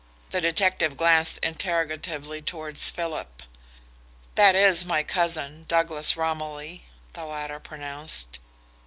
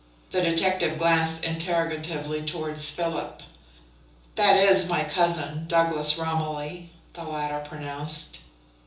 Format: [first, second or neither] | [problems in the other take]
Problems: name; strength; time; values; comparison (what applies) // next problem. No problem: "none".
first | room echo; dies away in 0.7 s